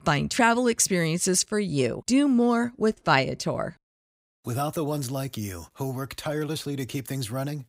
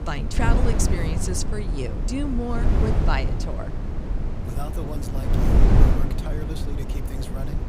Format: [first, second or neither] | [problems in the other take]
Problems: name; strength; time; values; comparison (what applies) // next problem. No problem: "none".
first | wind noise on the microphone; heavy; 1 dB below the speech